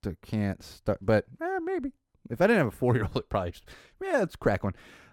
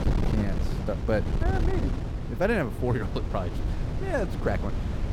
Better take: first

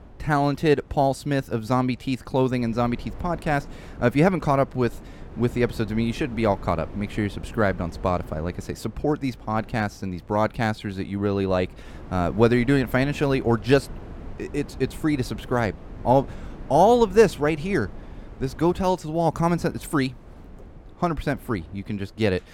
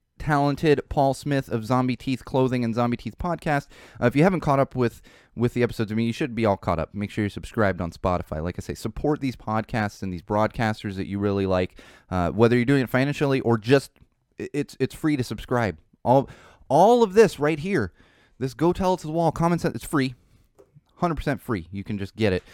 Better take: second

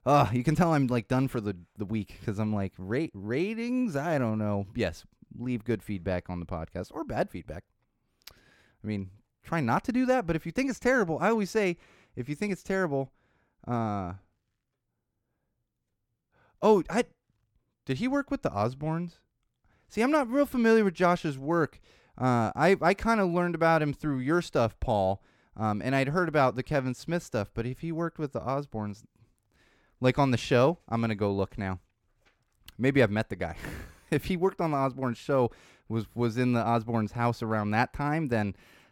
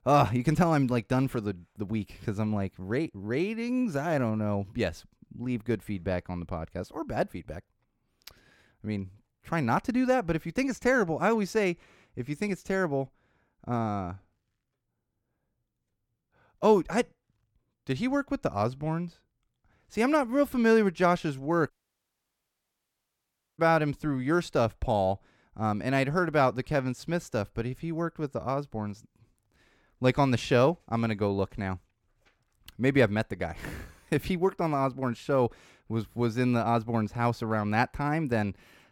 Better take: first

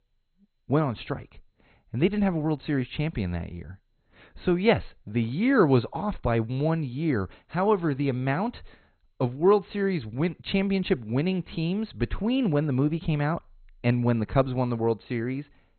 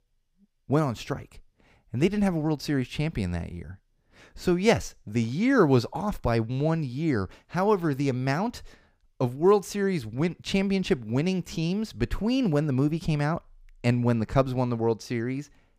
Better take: second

